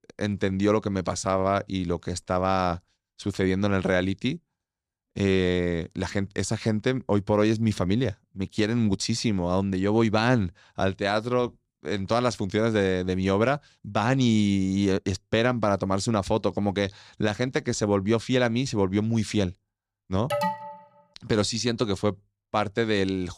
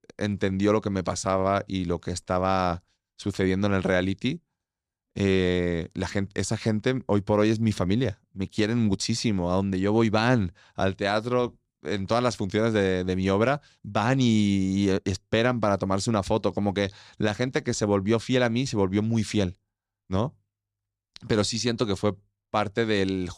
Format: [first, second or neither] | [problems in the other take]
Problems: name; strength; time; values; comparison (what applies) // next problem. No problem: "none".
second | alarm; noticeable; at 20 s; peak 2 dB below the speech